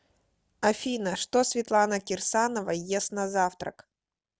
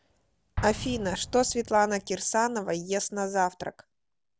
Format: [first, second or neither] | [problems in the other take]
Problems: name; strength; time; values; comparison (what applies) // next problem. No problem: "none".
first | background sound (Explosion); 14 dB below the speech